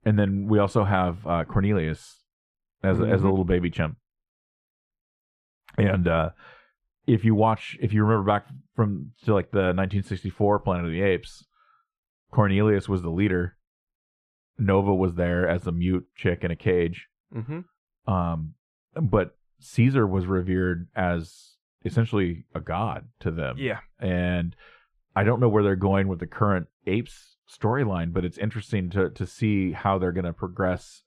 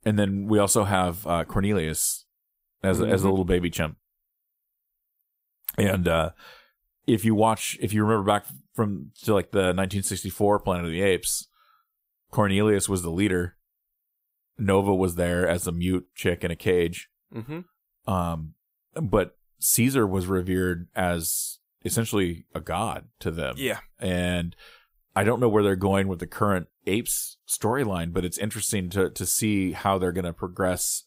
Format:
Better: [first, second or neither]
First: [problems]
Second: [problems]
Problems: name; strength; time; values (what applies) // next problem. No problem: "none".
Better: second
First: muffled; very; fading above 2 kHz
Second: none